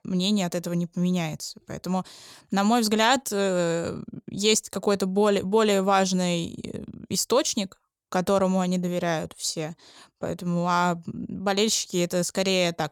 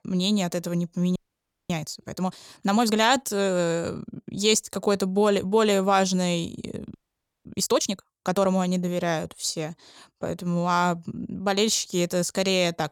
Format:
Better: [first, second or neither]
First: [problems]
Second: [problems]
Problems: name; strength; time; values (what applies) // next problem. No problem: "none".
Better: first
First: none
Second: audio freezing; at 1 s for 0.5 s and at 7 s for 0.5 s